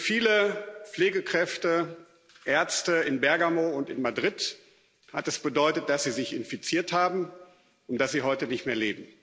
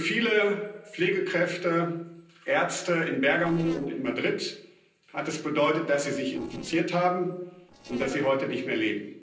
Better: first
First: none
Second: noise reduction (neural separator model SepFormer DNS4)

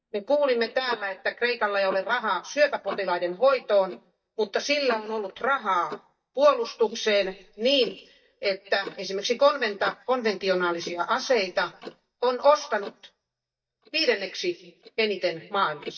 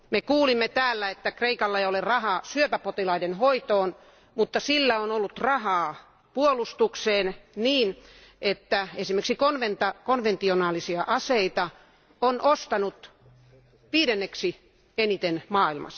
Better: second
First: noise reduction (neural mask model DeepFilterNet 3)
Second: none

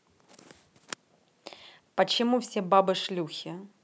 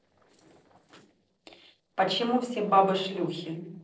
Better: first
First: none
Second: noise reduction (neural separator model SepFormer DNS4)

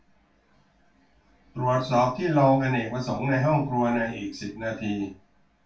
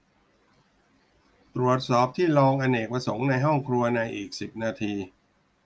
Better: second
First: room echo; dies away in 0.3 s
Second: none

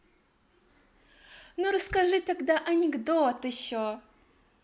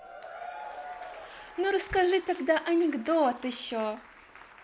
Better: first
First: none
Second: background sound (Applause / Crowd / Cheering); 16 dB below the speech

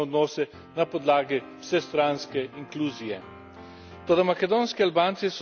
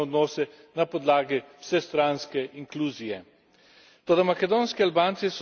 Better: second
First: background sound (Piano); 19 dB below the speech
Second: none

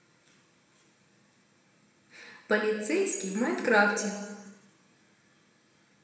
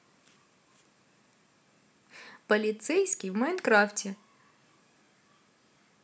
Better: second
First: room echo; dies away in 1.3 s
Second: none

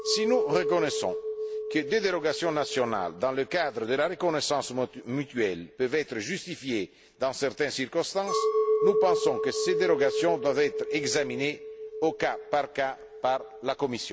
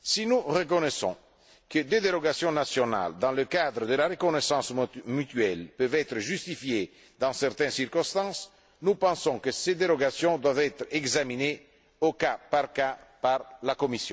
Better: second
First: background sound (Chink, clink); 4 dB below the speech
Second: none

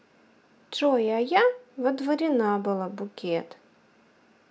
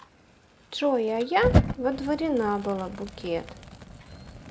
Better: first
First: none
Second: background sound (Fire); 3 dB below the speech

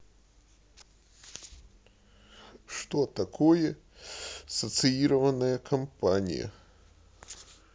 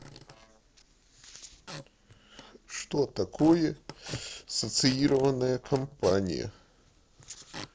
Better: first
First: none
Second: noise reduction (neural separator model SepFormer DNS4)

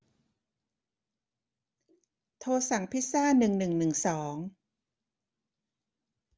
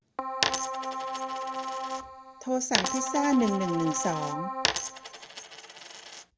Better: first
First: none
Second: background sound (Coin (dropping) + Keyboard (musical)); as loud as the speech

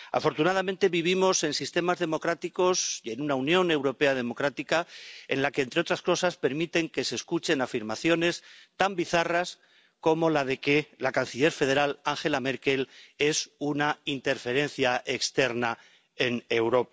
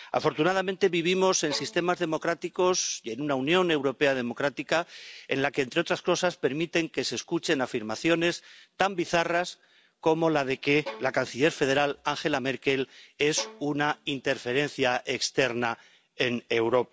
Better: first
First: none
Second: background sound (Bowed string instrument); 19 dB below the speech

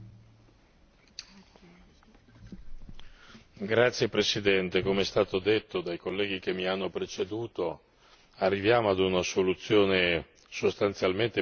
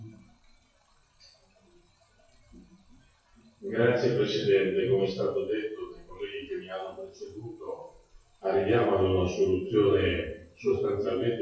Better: first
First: none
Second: noise reduction (classical method WPE with log-MMSE)

